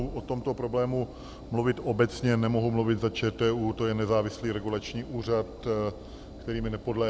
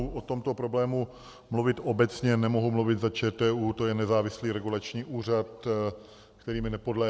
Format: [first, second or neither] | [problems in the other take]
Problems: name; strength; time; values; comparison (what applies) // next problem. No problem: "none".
second | background sound (Engine); 15 dB below the speech